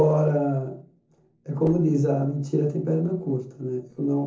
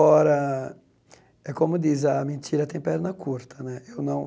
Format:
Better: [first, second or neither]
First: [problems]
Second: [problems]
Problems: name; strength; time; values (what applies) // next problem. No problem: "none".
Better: second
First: noise reduction (neural separator model SepFormer DNS4)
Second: none